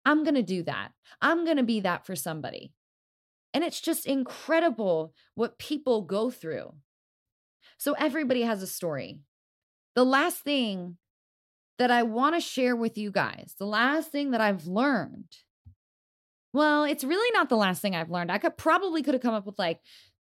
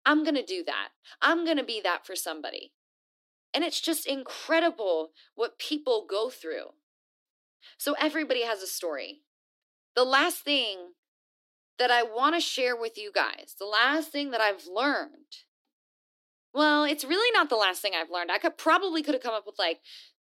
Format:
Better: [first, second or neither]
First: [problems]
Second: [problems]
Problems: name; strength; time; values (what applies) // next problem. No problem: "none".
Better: first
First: none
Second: thin; very slightly; fading below 300 Hz